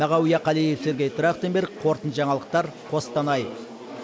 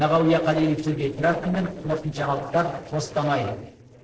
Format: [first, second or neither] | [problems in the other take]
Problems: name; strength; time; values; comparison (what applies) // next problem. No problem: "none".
first | noise reduction (neural separator model SepFormer DNS4)